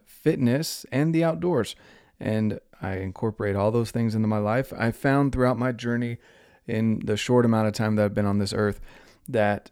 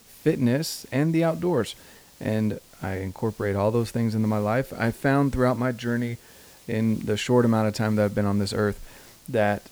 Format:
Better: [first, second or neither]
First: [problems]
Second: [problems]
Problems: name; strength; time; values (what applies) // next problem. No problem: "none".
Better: first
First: none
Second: hiss; faint; throughout; 25 dB below the speech